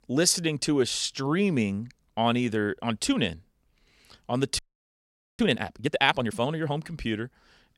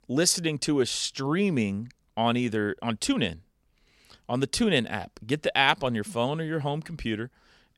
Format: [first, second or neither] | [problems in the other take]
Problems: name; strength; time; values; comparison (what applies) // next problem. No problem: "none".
second | audio freezing; at 4.5 s for 1 s